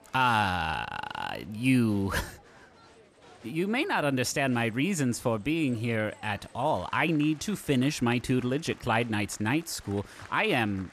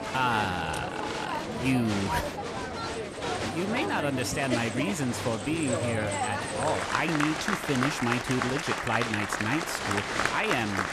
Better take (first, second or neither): first